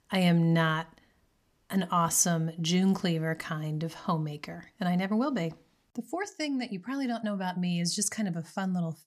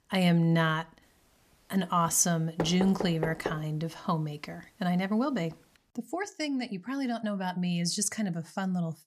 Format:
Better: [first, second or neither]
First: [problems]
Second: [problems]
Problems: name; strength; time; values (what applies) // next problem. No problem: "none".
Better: first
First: none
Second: door banging; noticeable; at 2.5 s; peak 5 dB below the speech